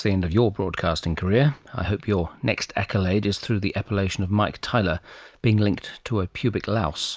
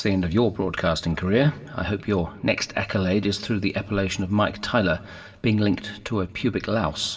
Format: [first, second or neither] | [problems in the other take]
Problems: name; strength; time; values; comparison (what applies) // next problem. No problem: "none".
first | room echo; dies away in 0.3 s